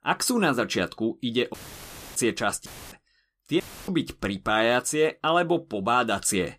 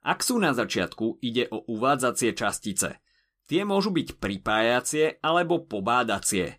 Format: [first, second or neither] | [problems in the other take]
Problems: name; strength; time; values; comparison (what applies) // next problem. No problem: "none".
second | audio cutting out; filled with static; at 1.5 s for 0.5 s, at 2.5 s and at 3.5 s